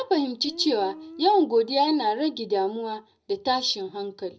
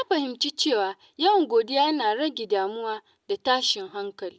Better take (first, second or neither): second